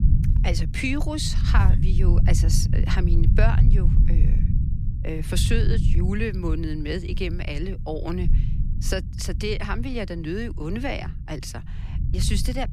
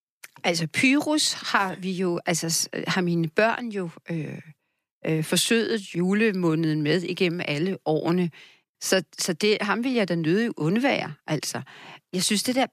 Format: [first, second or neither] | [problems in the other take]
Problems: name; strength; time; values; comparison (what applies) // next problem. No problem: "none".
second | low rumble; loud; throughout; 8 dB below the speech